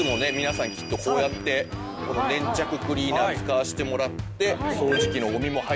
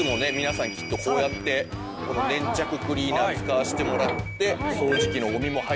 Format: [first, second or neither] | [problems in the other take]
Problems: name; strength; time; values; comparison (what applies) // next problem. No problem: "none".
first | background sound (Subway, metro, underground / Door); 11 dB below the speech